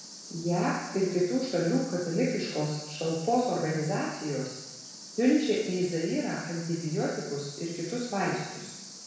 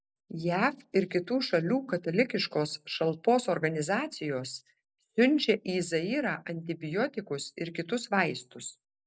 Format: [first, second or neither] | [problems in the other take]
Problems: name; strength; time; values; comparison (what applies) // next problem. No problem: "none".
second | background sound (Cricket); 15 dB below the speech // room echo; dies away in 1.1 s